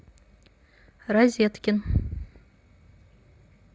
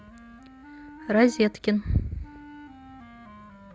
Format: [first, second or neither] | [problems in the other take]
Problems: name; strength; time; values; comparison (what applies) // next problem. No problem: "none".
first | background sound (Wind instrument, woodwind instrument); 18 dB below the speech